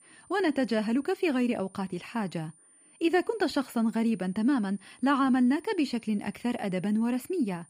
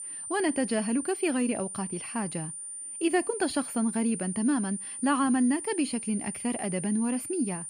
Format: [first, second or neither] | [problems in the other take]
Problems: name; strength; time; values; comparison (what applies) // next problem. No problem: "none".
first | high-pitched whine; loud; throughout; 9 kHz, 7 dB below the speech; faint in the first